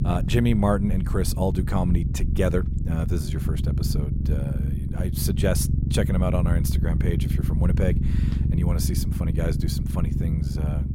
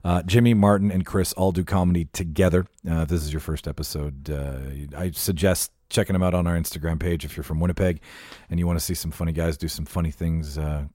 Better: second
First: low rumble; loud; throughout; 7 dB below the speech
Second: none

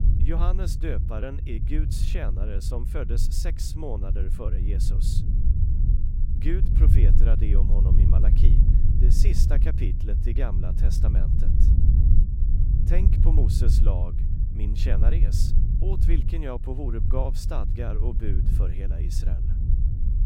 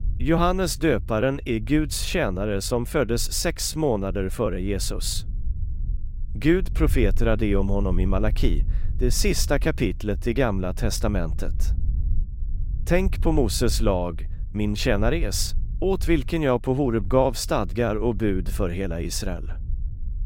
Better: second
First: low rumble; loud; throughout; 3 dB below the speech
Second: low rumble; faint; throughout; 25 dB below the speech

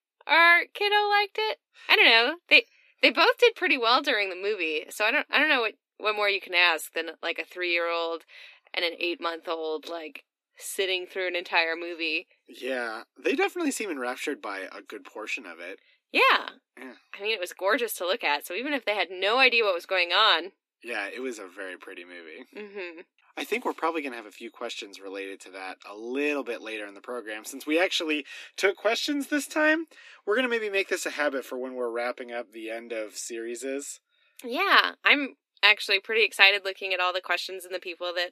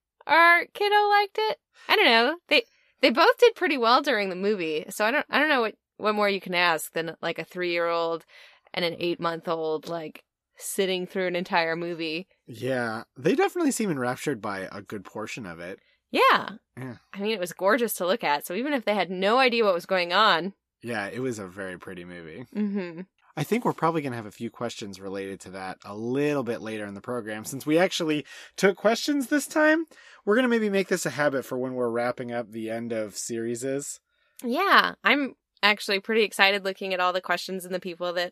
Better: second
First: thin; very slightly; fading below 250 Hz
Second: none

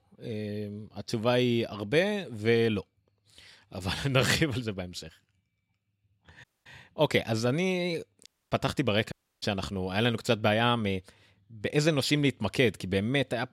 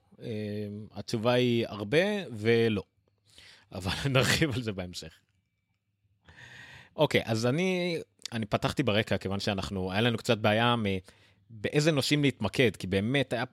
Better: second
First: audio cutting out; at 6.5 s, at 8.5 s and at 9 s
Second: none

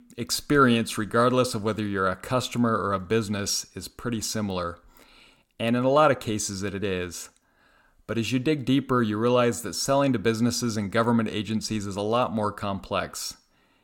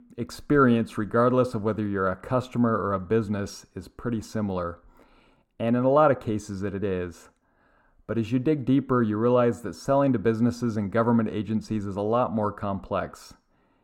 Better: first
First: none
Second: muffled; slightly; fading above 2 kHz

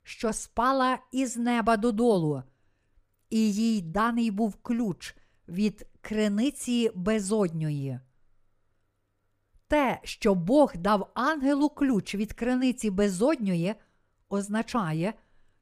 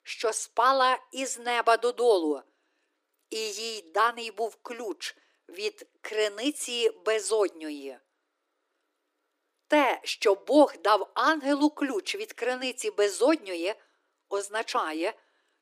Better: first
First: none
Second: thin; somewhat; fading below 300 Hz

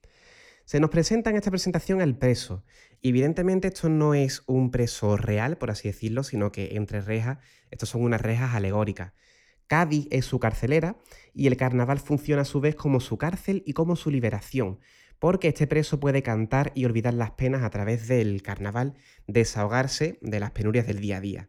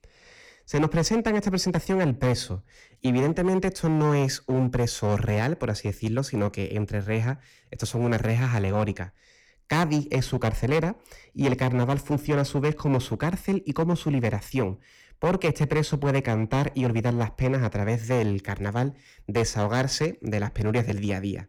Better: first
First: none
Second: distortion; slight; 8% of the sound clipped

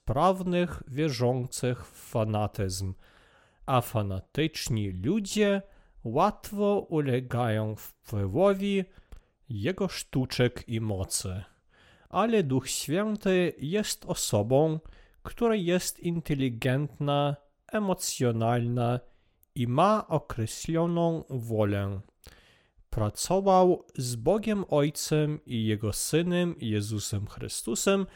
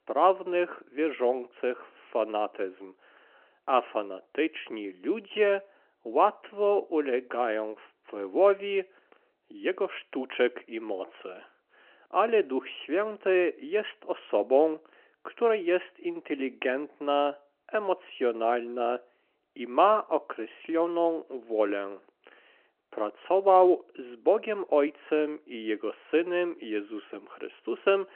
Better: first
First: none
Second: phone-call audio

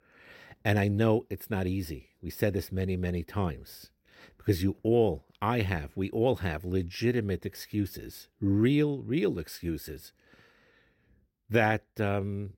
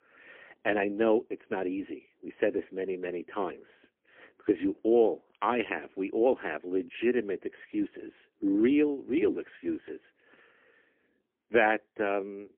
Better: first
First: none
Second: phone-call audio; poor line

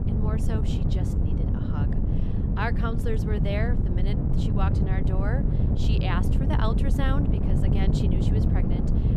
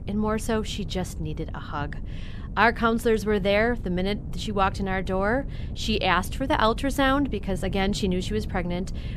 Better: second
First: wind noise on the microphone; heavy; 1 dB below the speech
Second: wind noise on the microphone; occasional gusts; 20 dB below the speech

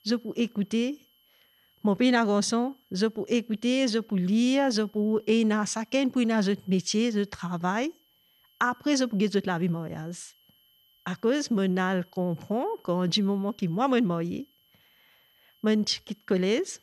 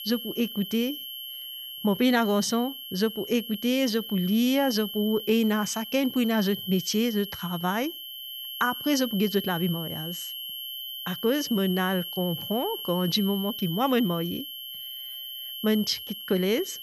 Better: first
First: high-pitched whine; faint; throughout; 3 kHz, 35 dB below the speech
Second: high-pitched whine; loud; throughout; 3 kHz, 8 dB below the speech

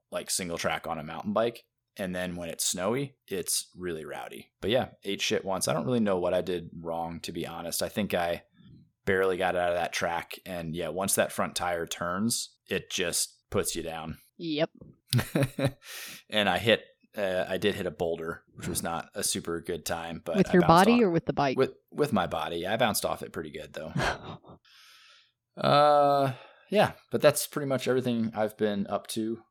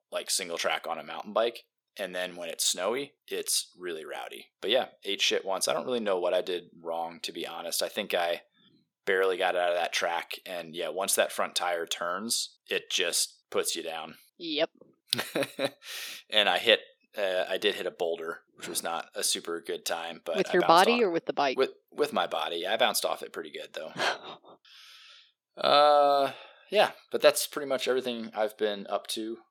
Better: first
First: none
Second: thin; somewhat; fading below 400 Hz

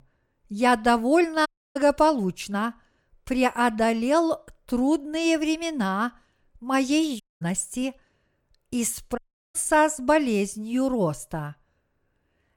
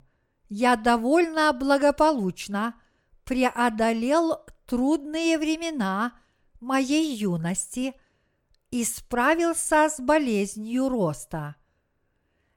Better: second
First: audio cutting out; at 1.5 s, at 7 s and at 9 s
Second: none

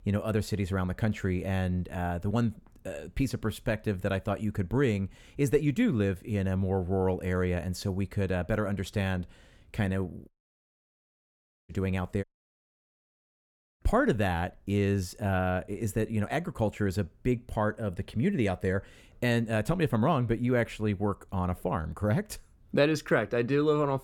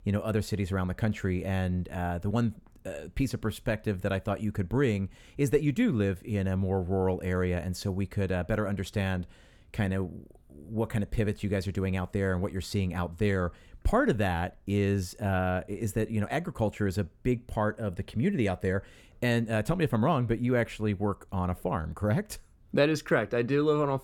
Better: second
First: audio cutting out; at 10 s for 1.5 s and at 12 s for 1.5 s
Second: none

